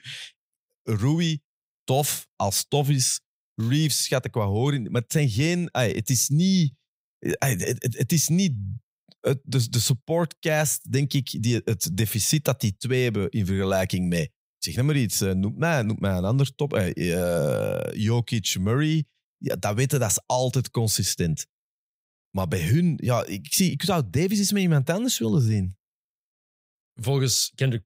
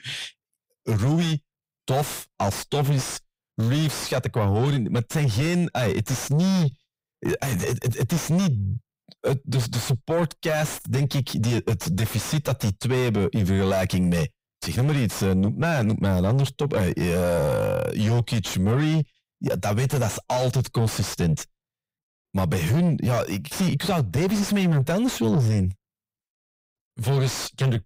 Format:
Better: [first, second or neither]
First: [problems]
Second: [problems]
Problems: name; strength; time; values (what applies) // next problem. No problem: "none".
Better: first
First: none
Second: distortion; heavy; 7 dB below the speech